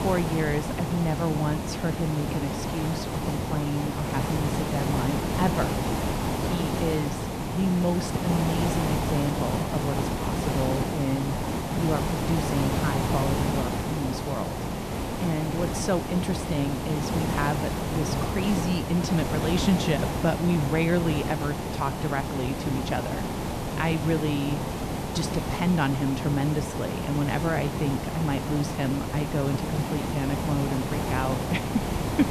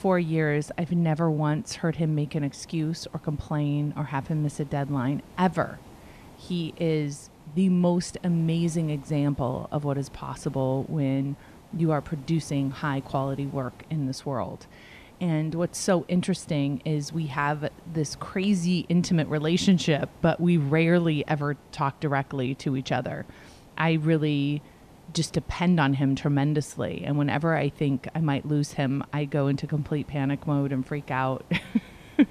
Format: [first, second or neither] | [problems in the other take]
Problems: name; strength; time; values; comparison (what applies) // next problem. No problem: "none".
second | hiss; loud; throughout; as loud as the speech; faint in the second